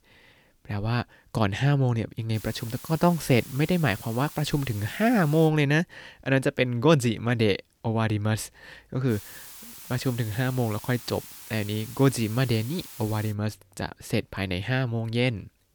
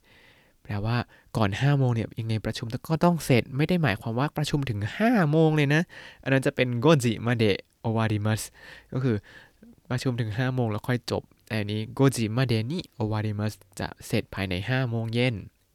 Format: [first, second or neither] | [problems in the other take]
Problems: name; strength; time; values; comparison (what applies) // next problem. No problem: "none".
second | hiss; noticeable; from 2.5 to 5.5 s and from 9 to 13 s; 15 dB below the speech